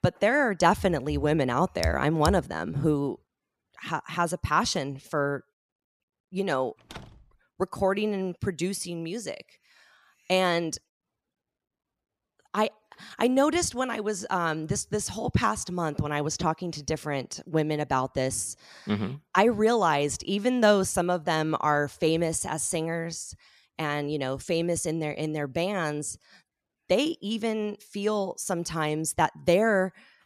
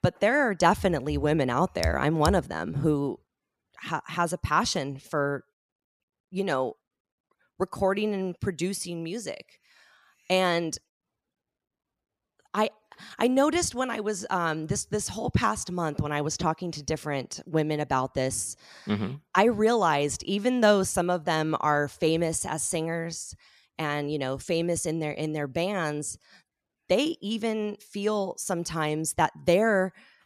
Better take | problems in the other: second | door banging; faint; at 7 s; peak 20 dB below the speech

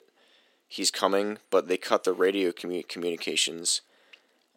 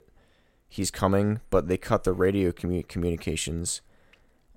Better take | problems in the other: second | thin; somewhat; fading below 250 Hz

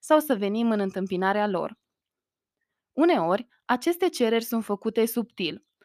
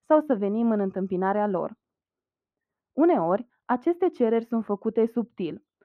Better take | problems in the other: first | muffled; very; fading above 3 kHz

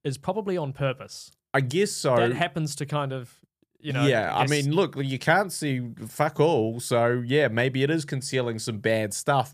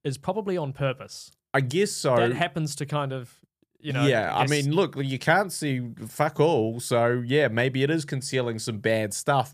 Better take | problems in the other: neither | none

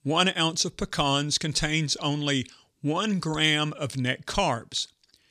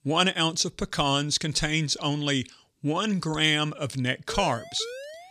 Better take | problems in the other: first | siren; faint; from 4.5 s on; peak 10 dB below the speech

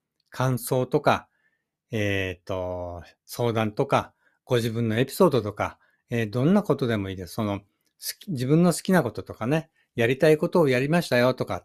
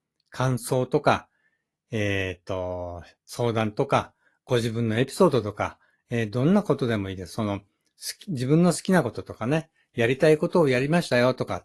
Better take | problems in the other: first | garbled, watery; slightly; nothing above 12 kHz

